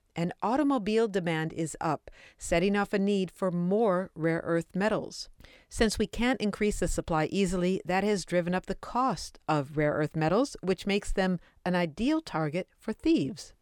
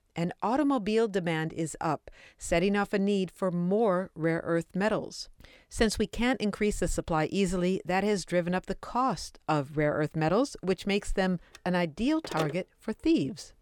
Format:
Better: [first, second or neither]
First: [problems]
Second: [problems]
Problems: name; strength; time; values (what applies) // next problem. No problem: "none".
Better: first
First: none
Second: phone ringing; noticeable; from 12 to 13 s; peak 7 dB below the speech